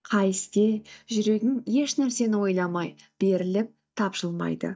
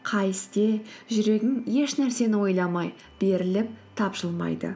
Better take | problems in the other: second | noise reduction (neural mask model DeepFilterNet 3)

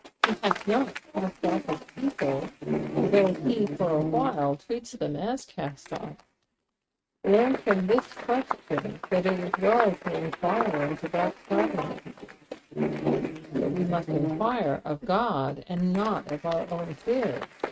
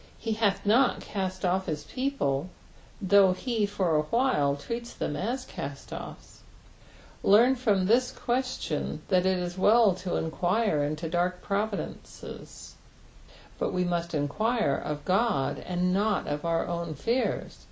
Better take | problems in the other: second | noise reduction (neural mask model RNNoise)

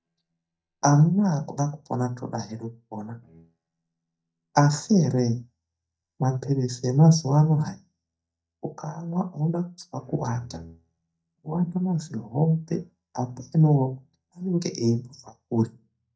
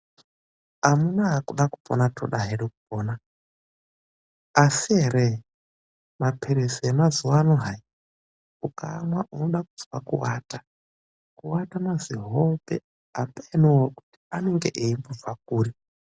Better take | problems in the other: second | noise reduction (neural mask model DeepFilterNet 3)

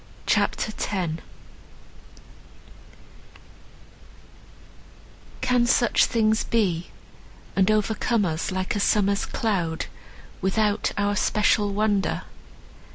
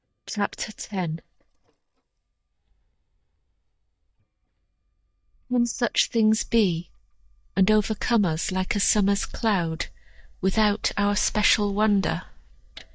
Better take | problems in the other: first | noise reduction (neural mask model DeepFilterNet 3)

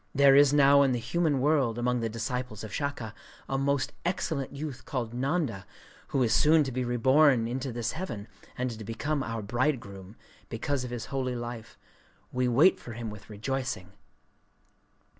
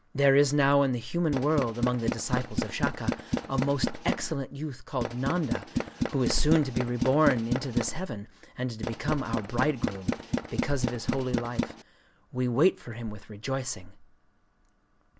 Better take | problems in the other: first | background sound (Tools); 3 dB below the speech

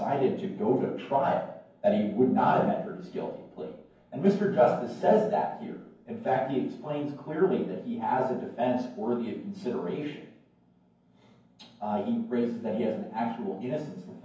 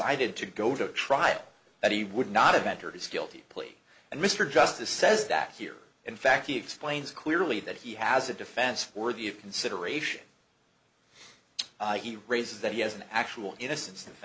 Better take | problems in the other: second | room echo; dies away in 0.9 s

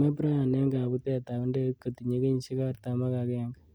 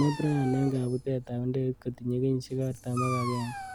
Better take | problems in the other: first | background sound (Dog); 11 dB below the speech

